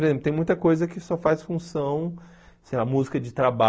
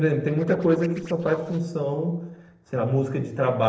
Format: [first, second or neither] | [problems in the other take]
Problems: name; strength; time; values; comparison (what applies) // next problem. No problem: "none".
first | noise reduction (neural separator model SepFormer DNS4)